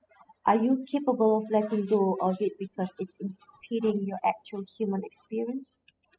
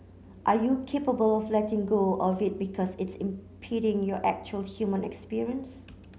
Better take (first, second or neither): second